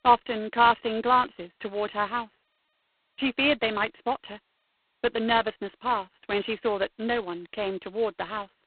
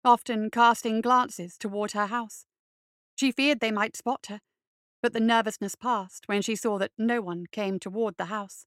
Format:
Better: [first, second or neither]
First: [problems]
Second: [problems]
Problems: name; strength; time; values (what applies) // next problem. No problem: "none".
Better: second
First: phone-call audio; poor line; nothing above 4 kHz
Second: none